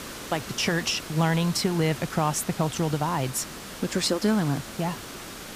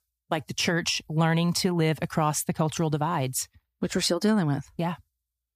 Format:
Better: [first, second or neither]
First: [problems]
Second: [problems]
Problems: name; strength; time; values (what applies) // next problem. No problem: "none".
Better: second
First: hiss; noticeable; throughout; 10 dB below the speech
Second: none